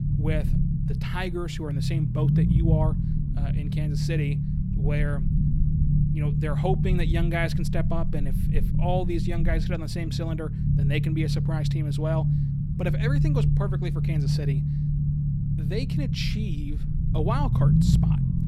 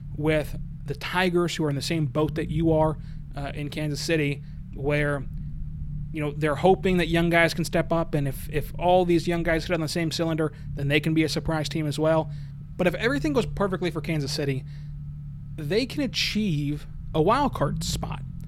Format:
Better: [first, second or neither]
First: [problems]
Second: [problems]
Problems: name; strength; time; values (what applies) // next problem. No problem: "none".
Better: second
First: low rumble; loud; throughout; 2 dB below the speech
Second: low rumble; faint; throughout; 20 dB below the speech